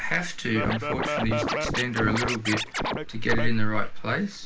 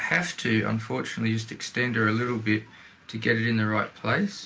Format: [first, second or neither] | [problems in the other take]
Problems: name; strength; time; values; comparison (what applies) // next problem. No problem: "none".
second | background sound (Scratching (performance technique) + Chewing, mastication); 2 dB above the speech